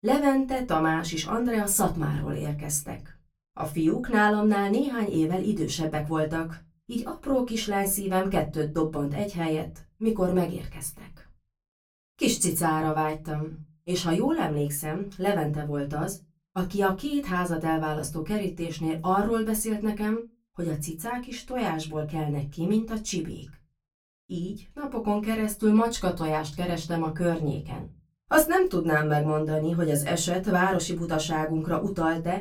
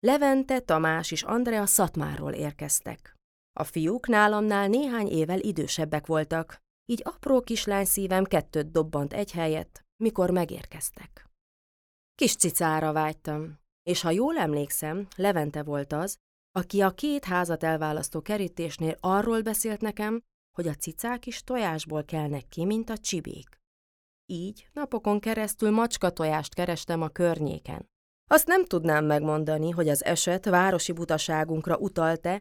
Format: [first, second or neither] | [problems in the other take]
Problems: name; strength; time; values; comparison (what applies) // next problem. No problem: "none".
second | off-mic speech; far // room echo; very slight; dies away in 0.2 s